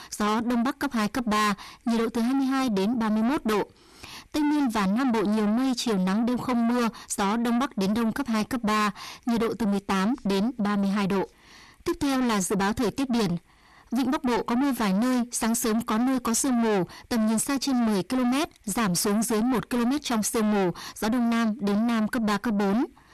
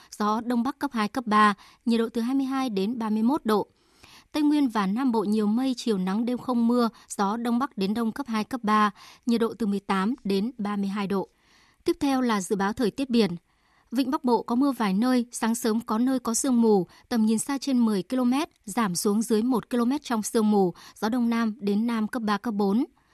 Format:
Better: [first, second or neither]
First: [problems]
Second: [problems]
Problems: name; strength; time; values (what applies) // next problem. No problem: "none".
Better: second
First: distortion; heavy; 7 dB below the speech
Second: none